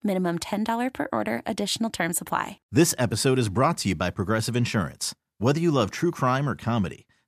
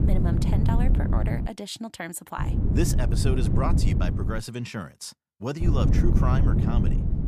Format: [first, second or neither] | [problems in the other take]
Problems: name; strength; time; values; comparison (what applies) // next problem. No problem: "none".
first | wind noise on the microphone; heavy; until 1.5 s, from 2.5 to 4.5 s and from 5.5 s on; 2 dB below the speech